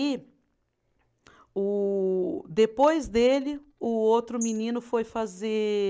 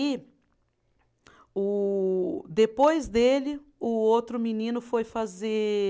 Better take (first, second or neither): second